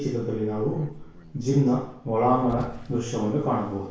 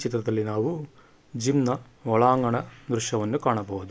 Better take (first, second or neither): second